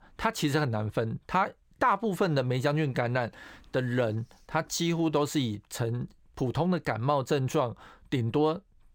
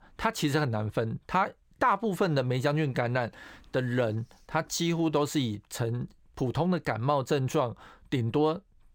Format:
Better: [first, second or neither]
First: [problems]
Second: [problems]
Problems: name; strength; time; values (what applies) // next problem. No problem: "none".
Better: neither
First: none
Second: none